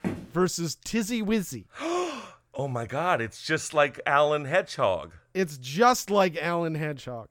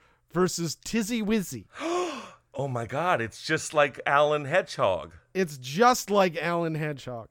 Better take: second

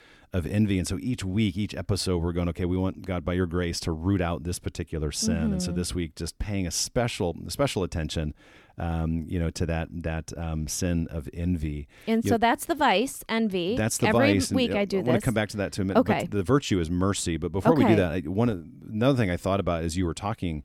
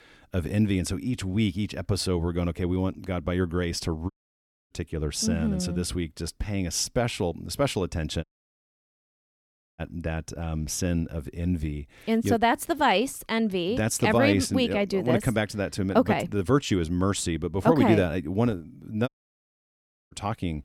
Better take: first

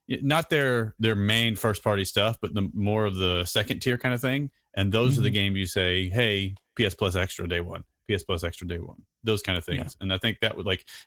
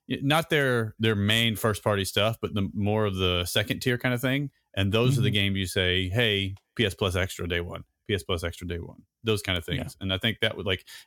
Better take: second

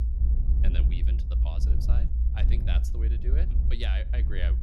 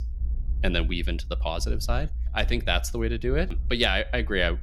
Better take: second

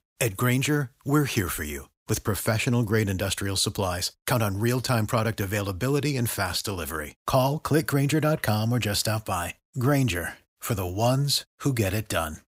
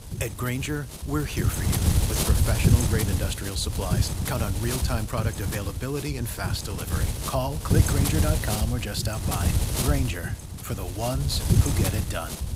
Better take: first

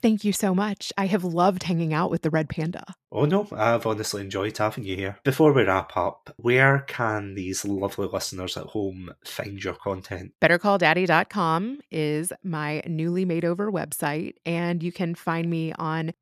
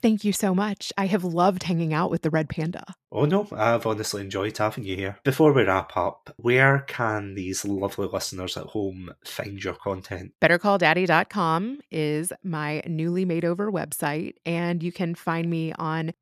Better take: neither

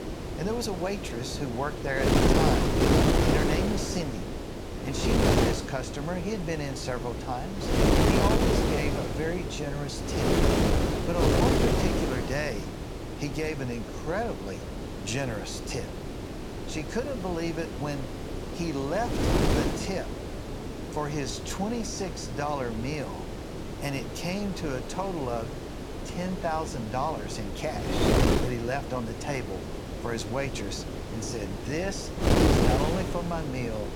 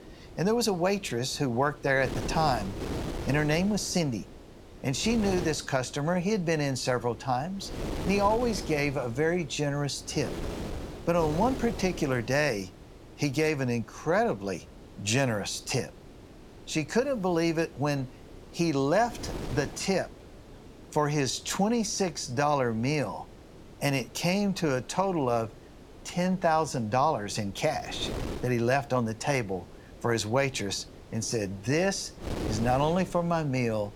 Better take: second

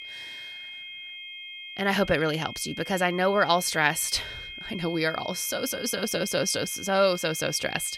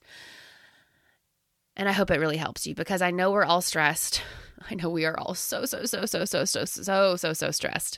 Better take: second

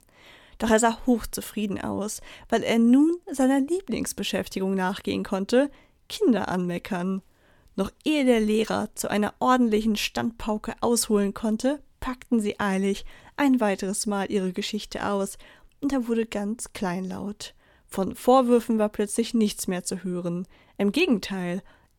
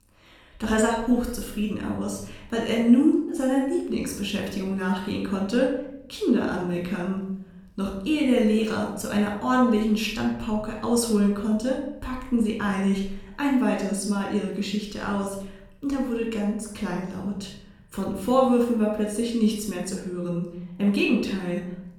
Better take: first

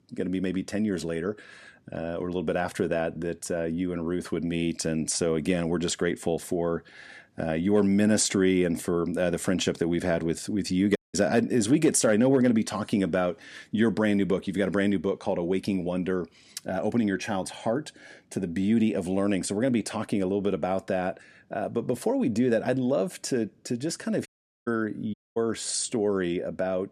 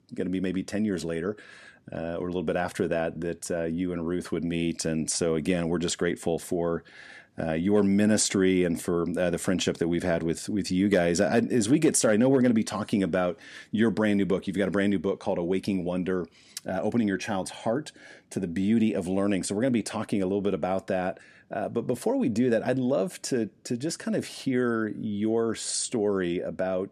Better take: second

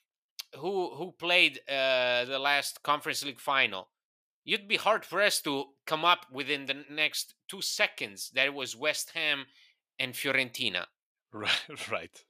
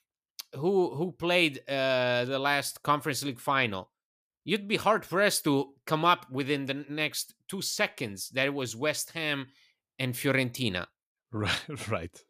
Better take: second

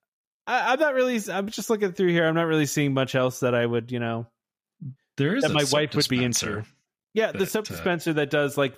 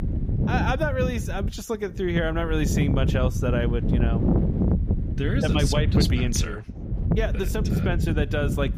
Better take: first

